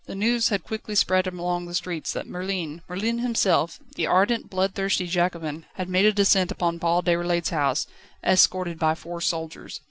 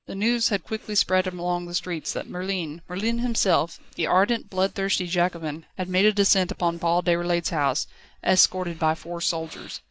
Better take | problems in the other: first | noise reduction (neural mask model DeepFilterNet 3)

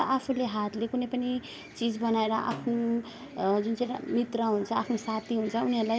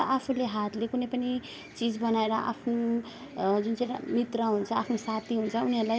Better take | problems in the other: second | background sound (Snare drum); 19 dB below the speech

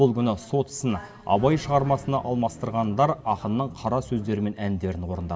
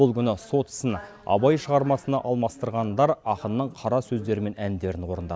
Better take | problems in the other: second | background sound (Car); 19 dB below the speech // room echo; dies away in 0.3 s

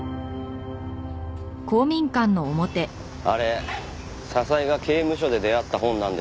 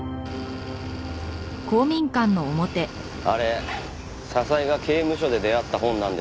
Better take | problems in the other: first | background sound (Motor vehicle (road) / Engine); 14 dB below the speech

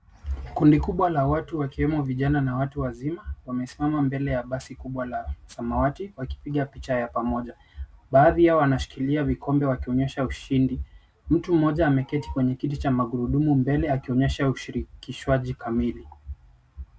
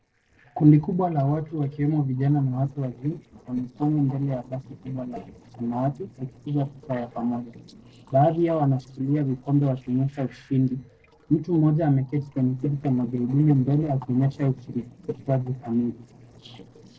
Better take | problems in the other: first | noise reduction (neural separator model SepFormer DNS4)

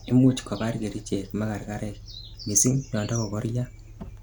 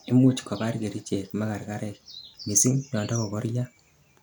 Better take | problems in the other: second | background sound (Motor vehicle (road)); 17 dB below the speech

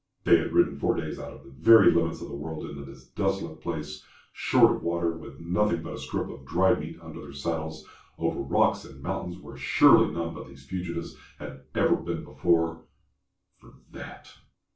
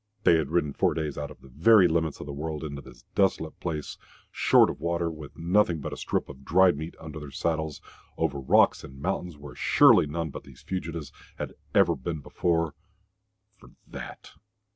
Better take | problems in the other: second | room echo; dies away in 0.3 s

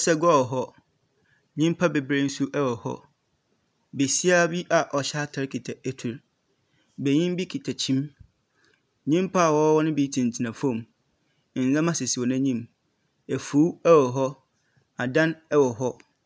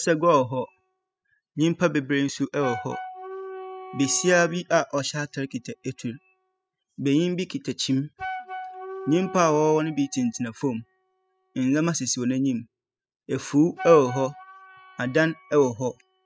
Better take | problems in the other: first | noise reduction (classical method spectral subtraction)

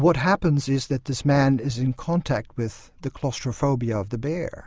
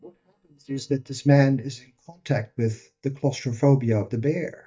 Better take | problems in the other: first | noise reduction (neural mask model DeepFilterNet 3)

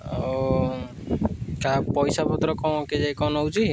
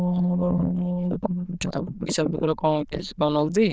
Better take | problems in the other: first | noise reduction (neural diffusion model UNIVERSE++)

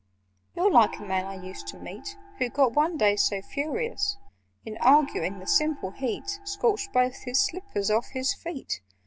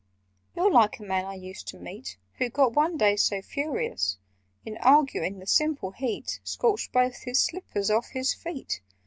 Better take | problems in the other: second | background sound (Gong); 12 dB below the speech

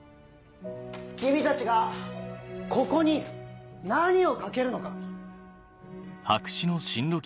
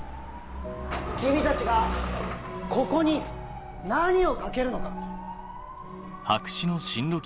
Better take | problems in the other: first | background sound (Motorcycle / Dog + Engine starting / Car); 7 dB below the speech

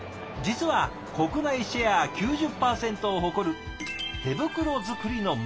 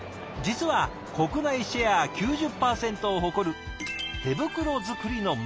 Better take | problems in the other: second | room echo; dies away in 2.1 s

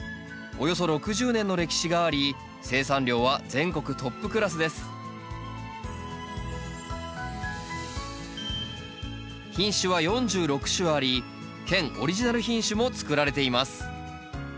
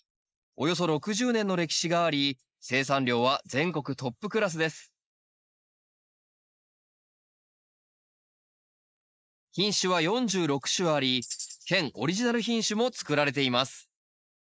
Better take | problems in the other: first | noise reduction (neural mask model Resemble Enhance denoiser)

